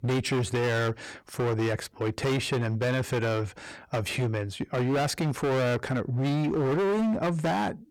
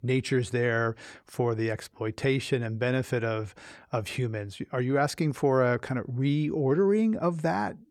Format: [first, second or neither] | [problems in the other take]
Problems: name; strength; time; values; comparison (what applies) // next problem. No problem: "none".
second | distortion; heavy; 27% of the sound clipped